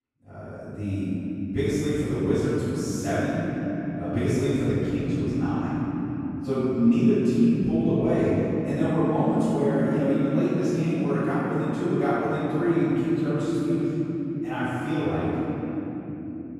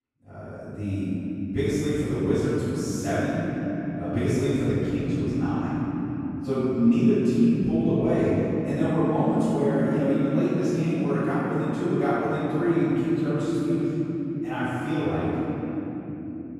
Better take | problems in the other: neither | off-mic speech; far; the same in both // room echo; strong; dies away in 3 s; the same in both

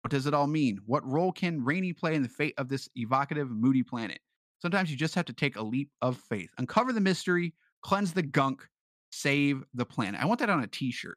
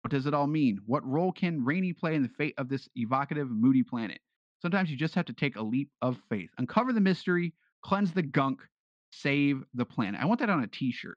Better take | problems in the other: first | muffled; very slightly; fading above 4 kHz

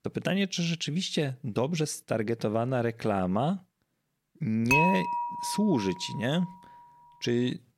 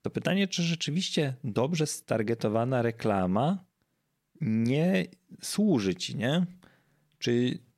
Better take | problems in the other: second | clattering dishes; loud; from 4.5 to 6 s; peak 5 dB above the speech

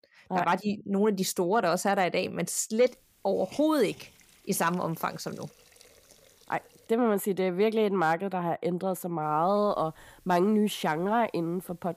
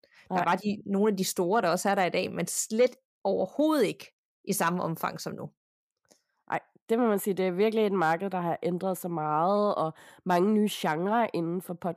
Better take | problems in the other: second | hiss; faint; from 3 to 7 s and from 9 s on; 25 dB below the speech

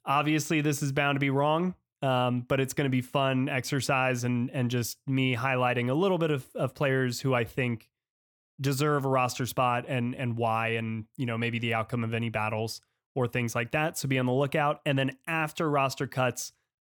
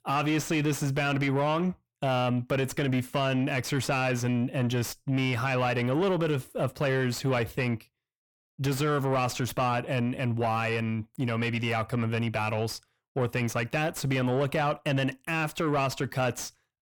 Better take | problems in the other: first | distortion; slight; 10 dB below the speech

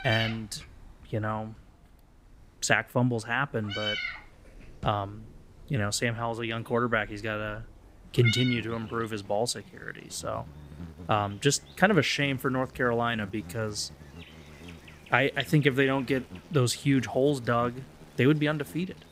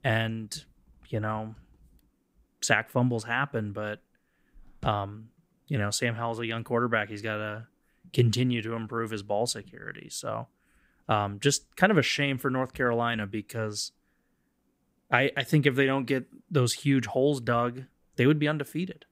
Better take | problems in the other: second | animal sounds; noticeable; throughout; 10 dB below the speech

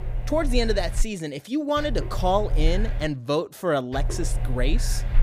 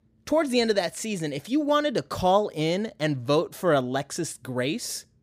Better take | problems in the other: second | hiss; loud; until 1 s, from 2 to 3 s and from 4 s on; 3 dB below the speech

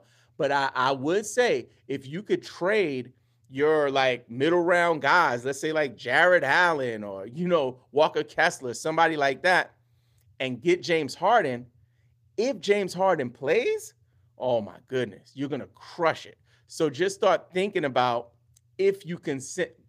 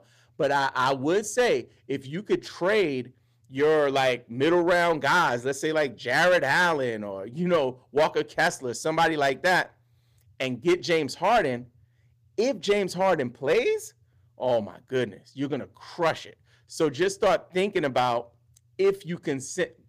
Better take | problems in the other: first | distortion; slight; 4% of the sound clipped

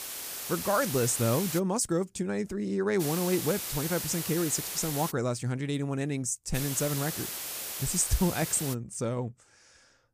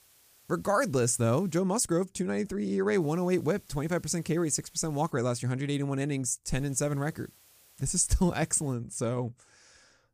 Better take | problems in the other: second | hiss; loud; until 1.5 s, from 3 to 5 s and from 6.5 to 8.5 s; 4 dB below the speech; faint in the second

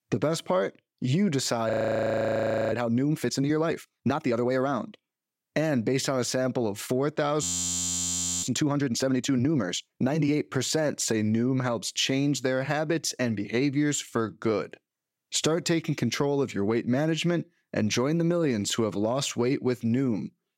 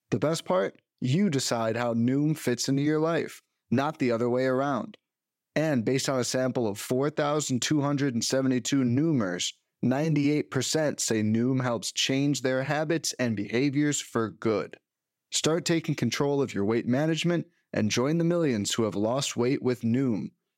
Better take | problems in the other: second | audio freezing; at 1.5 s for 1 s and at 7.5 s for 1 s

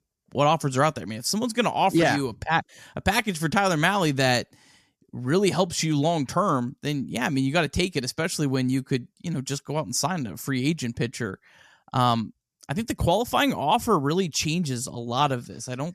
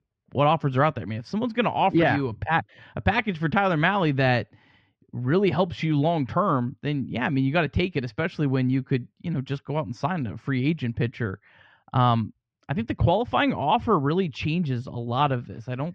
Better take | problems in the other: first | muffled; very; fading above 3 kHz

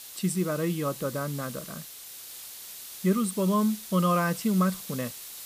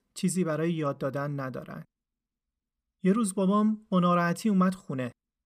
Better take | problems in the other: second | hiss; noticeable; throughout; 10 dB below the speech

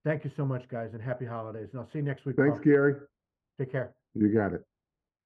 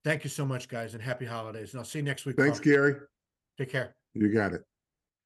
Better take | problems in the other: second | muffled; very; fading above 3 kHz

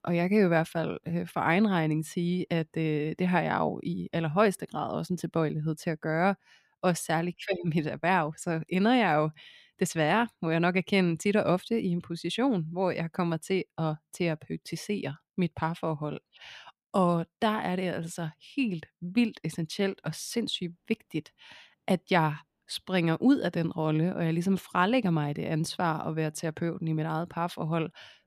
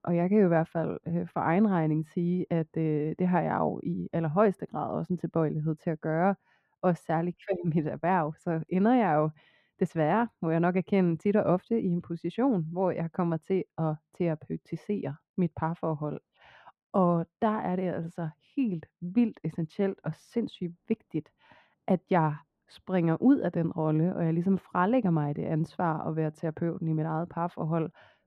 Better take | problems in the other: first | muffled; very; fading above 2.5 kHz

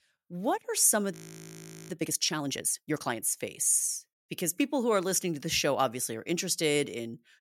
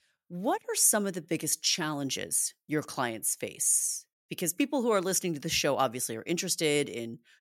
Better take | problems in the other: second | audio freezing; at 1 s for 1 s

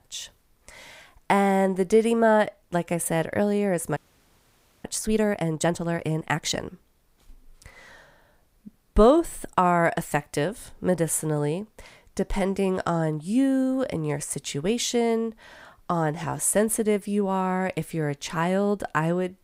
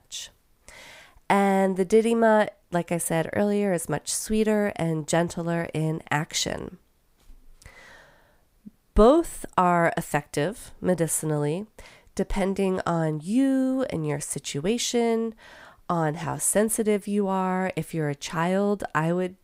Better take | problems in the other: second | audio freezing; at 4 s for 1 s

